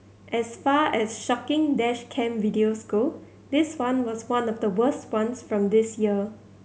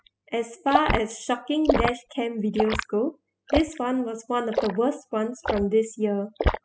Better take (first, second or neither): first